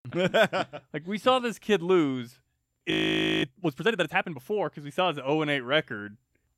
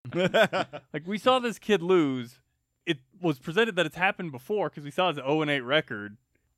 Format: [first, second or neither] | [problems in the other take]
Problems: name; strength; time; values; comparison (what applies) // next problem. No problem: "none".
second | audio freezing; at 3 s for 0.5 s